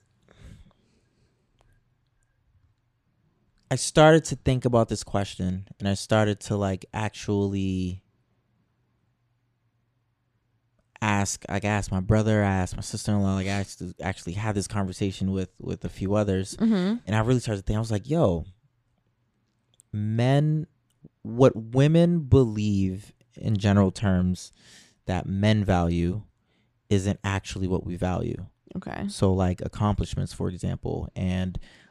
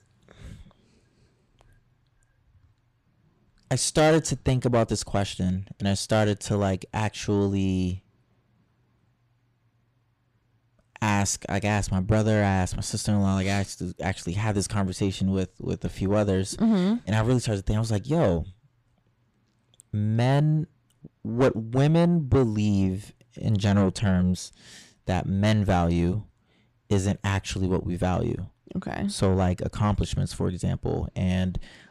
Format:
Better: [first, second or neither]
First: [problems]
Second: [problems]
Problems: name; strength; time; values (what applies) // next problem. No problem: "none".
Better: first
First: none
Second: distortion; slight; 10 dB below the speech